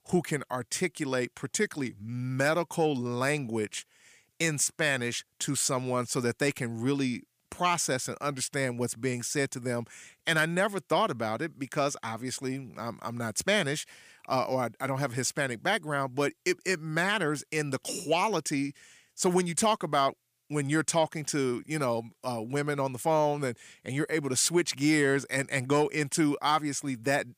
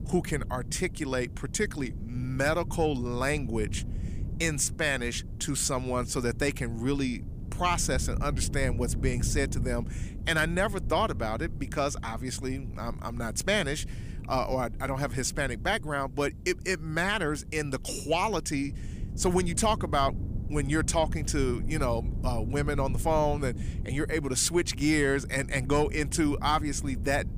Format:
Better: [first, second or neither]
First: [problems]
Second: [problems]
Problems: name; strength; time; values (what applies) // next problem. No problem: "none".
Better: first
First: none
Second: wind noise on the microphone; occasional gusts; 20 dB below the speech